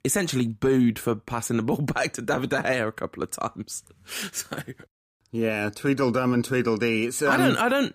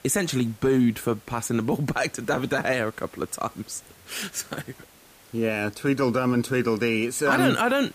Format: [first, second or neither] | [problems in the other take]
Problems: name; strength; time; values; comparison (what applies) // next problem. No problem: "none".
first | hiss; faint; throughout; 25 dB below the speech